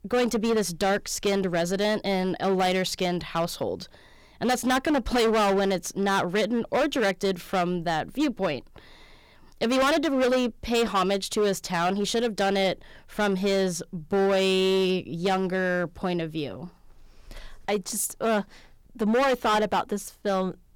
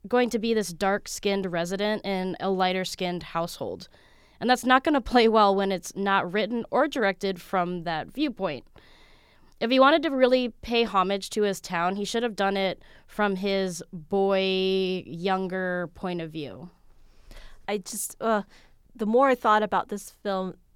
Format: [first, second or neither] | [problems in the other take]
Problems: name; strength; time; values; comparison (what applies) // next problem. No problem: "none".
second | distortion; heavy; 13% of the sound clipped